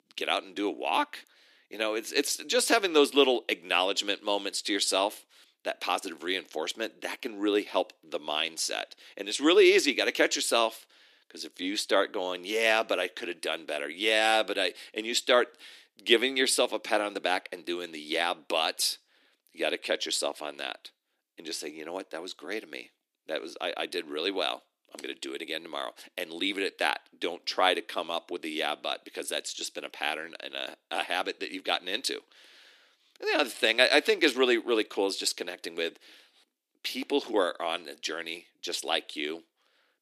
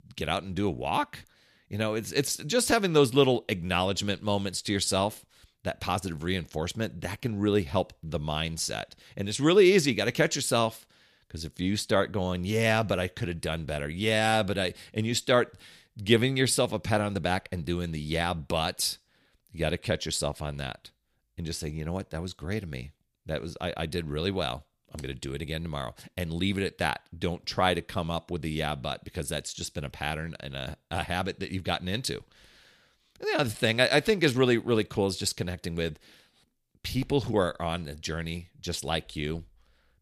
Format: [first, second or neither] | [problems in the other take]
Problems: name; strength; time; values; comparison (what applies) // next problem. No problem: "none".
second | thin; somewhat; fading below 300 Hz